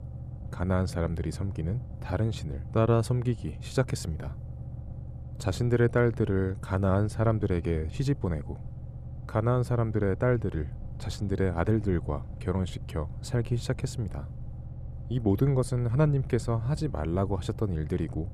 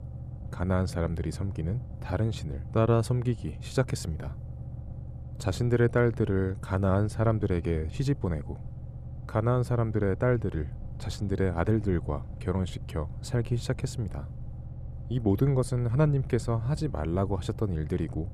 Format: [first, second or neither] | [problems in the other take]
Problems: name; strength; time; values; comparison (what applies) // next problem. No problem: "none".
neither | low rumble; noticeable; throughout; 20 dB below the speech; the same in both